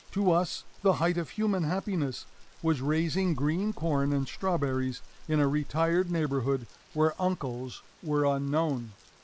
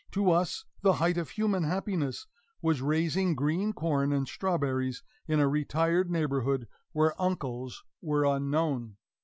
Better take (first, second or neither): second